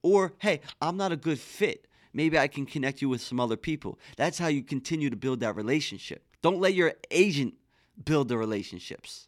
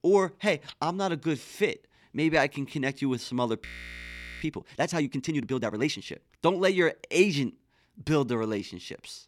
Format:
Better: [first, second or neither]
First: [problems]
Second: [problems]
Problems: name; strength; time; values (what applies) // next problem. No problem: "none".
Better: first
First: none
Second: audio freezing; at 3.5 s for 1 s